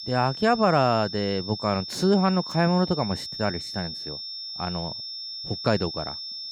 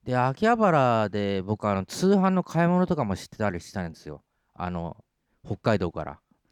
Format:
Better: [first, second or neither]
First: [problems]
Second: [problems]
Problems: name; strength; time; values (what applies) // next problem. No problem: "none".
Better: second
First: high-pitched whine; loud; throughout; 5.5 kHz, 8 dB below the speech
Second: none